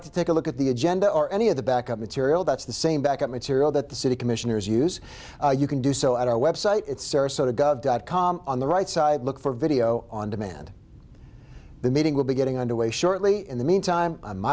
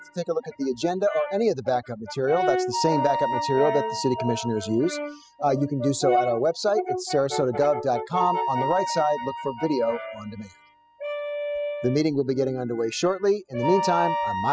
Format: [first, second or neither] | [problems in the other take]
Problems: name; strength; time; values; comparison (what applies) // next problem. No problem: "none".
first | noise reduction (classical method spectral subtraction)